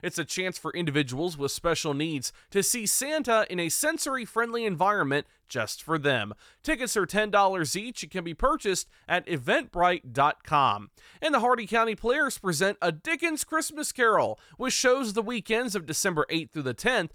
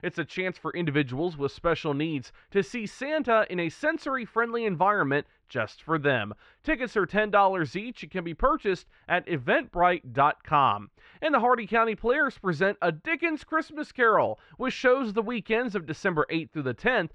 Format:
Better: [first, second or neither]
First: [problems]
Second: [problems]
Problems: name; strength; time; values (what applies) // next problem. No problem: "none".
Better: first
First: none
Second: muffled; very; fading above 3 kHz